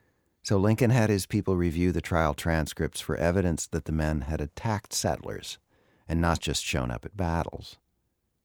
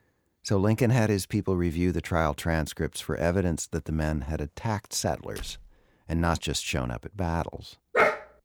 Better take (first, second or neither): first